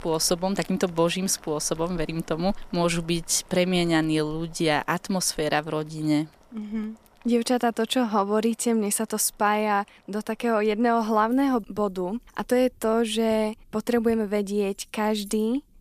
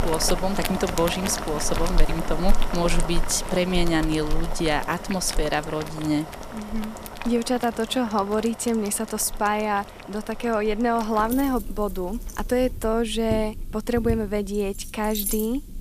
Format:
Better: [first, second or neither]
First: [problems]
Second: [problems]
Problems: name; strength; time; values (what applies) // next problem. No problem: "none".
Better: first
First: household noises; faint; throughout; 30 dB below the speech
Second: household noises; loud; throughout; 8 dB below the speech